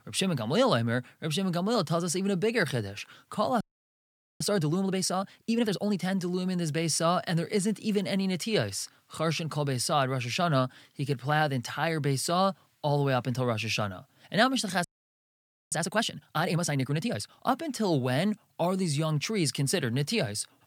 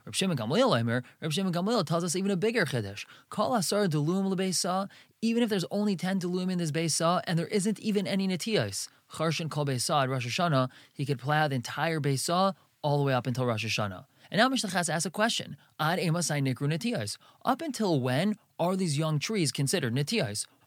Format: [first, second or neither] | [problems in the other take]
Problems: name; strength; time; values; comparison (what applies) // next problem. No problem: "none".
second | audio freezing; at 3.5 s for 1 s and at 15 s for 1 s